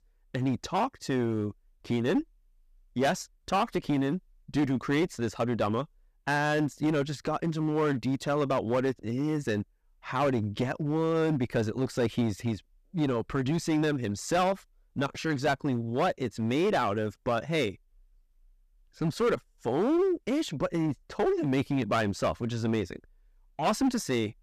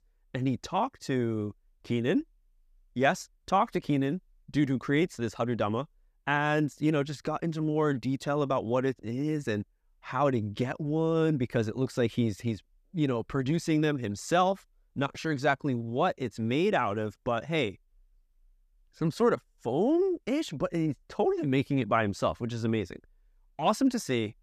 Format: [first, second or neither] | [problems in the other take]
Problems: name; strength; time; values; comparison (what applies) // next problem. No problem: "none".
second | distortion; slight; 8% of the sound clipped